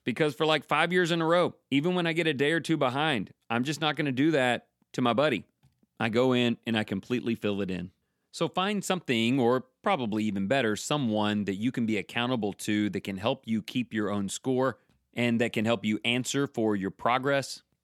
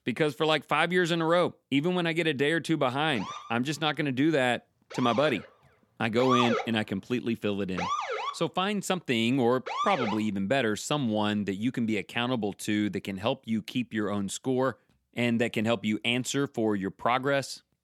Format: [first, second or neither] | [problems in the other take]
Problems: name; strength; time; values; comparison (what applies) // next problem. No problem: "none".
first | siren; loud; from 3 to 10 s; peak 1 dB above the speech